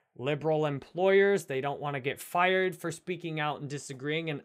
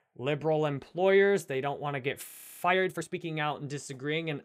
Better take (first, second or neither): first